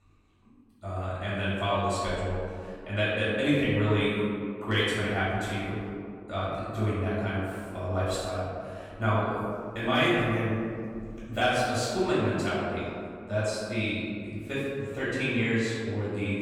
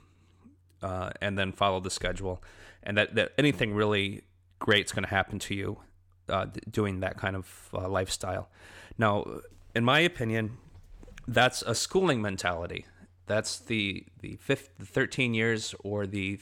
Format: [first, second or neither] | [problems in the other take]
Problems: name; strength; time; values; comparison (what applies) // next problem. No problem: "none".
second | off-mic speech; far // room echo; strong; dies away in 2.2 s